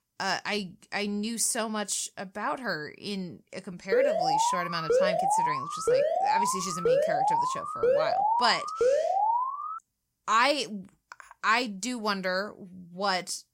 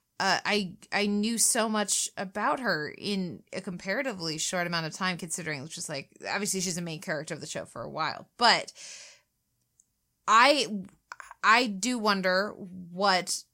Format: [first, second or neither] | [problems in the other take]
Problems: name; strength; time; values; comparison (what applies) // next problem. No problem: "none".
second | alarm; loud; from 4 to 10 s; peak 6 dB above the speech